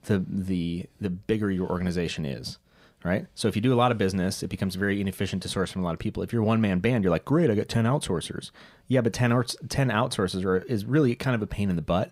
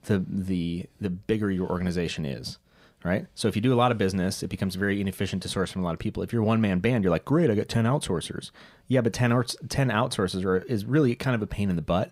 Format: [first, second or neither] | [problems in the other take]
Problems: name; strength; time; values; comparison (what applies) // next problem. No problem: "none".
neither | none